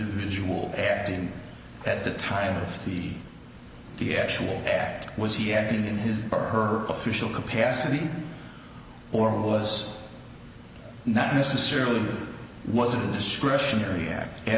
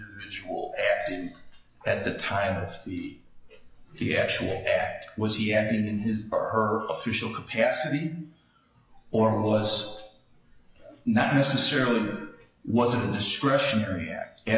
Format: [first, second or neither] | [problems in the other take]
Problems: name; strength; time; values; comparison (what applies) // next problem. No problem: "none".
first | noise reduction (classical method log-MMSE)